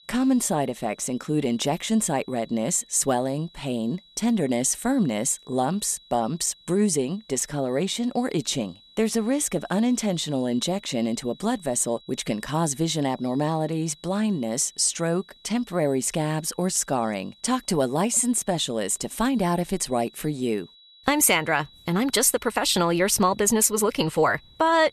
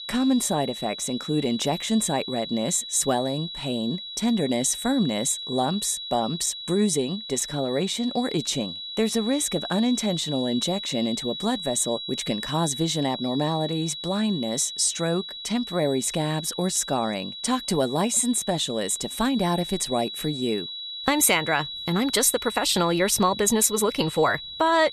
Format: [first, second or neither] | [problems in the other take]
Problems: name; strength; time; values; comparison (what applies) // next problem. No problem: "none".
first | high-pitched whine; loud; throughout; 4 kHz, 8 dB below the speech; faint in the first